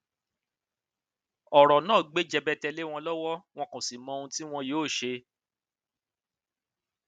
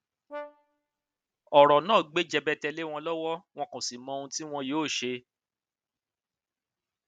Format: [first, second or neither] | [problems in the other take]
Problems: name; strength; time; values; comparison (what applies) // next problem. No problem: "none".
first | background sound (Brass instrument); 18 dB below the speech